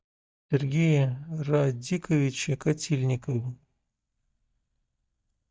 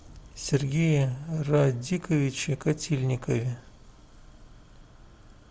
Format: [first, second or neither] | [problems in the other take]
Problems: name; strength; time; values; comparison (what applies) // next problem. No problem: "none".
second | noise reduction (neural mask model DeepFilterNet 3)